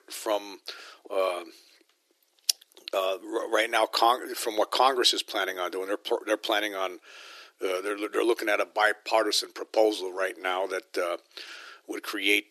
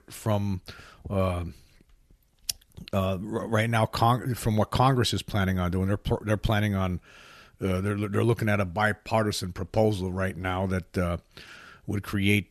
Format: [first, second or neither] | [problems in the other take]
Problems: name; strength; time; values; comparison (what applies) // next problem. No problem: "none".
second | thin; very; fading below 300 Hz